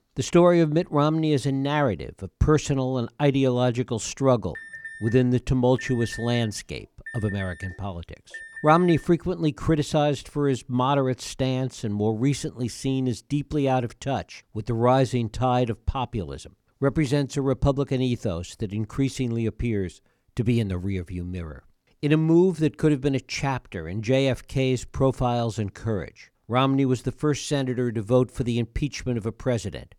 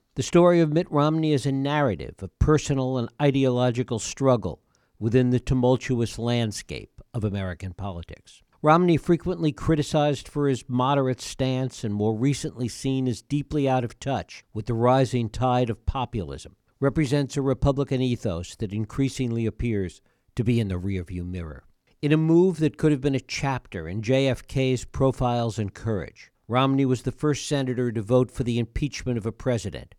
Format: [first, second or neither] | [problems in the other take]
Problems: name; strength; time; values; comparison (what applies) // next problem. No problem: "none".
second | alarm; faint; from 4.5 to 9 s; peak 10 dB below the speech